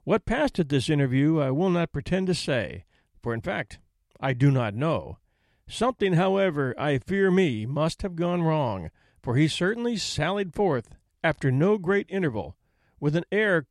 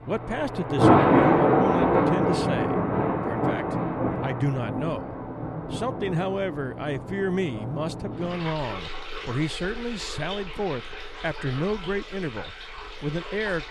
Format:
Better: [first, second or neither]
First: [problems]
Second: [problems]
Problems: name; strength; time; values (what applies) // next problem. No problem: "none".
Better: first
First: none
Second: rain or running water; very loud; throughout; 4 dB above the speech